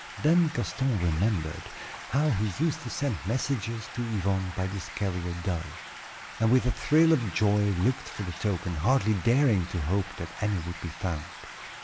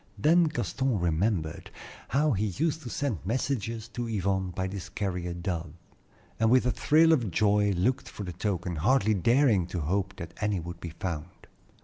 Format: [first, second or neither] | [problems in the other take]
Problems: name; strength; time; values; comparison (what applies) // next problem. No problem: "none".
second | background sound (Stream); 15 dB below the speech